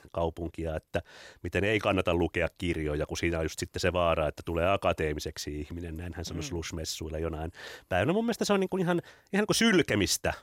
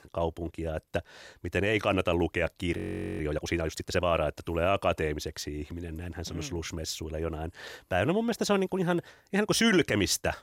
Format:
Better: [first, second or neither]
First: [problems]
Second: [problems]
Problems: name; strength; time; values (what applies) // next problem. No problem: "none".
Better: first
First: none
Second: audio freezing; at 3 s